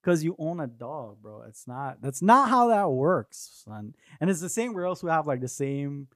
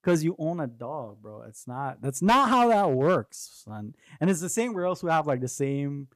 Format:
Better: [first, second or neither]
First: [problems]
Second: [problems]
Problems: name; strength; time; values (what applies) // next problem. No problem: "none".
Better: first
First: none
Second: distortion; slight; 3% of the sound clipped